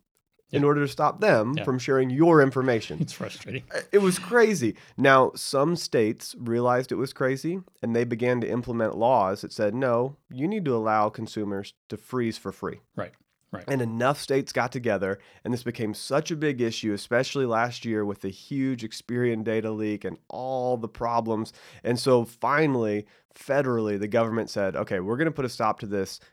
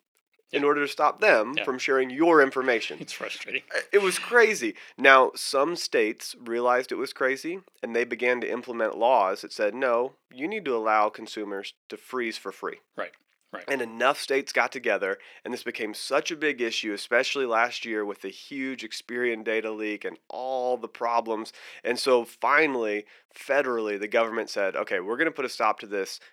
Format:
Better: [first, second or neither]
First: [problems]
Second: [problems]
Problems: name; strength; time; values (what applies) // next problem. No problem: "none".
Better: first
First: none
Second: thin; somewhat; fading below 300 Hz